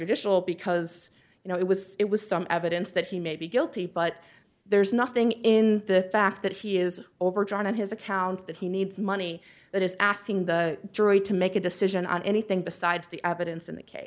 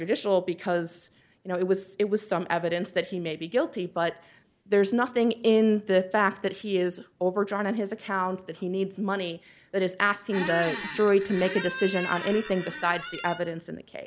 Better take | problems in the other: first | background sound (Squeak); 9 dB below the speech

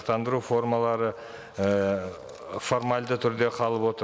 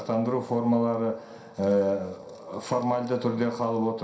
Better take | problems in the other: first | room echo; dies away in 0.5 s

